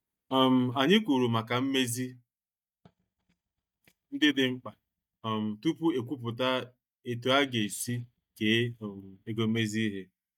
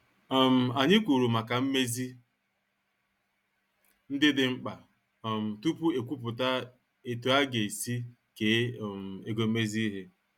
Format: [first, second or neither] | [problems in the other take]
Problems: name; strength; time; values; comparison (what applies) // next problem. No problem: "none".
second | noise reduction (neural mask model DeepFilterNet 3)